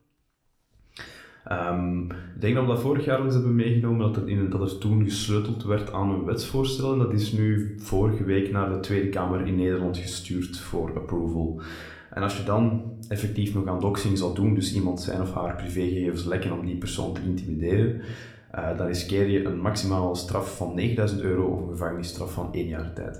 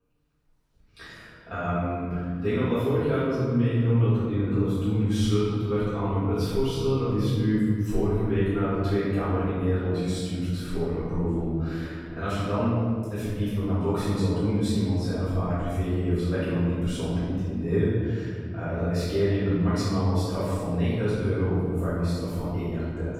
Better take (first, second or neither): first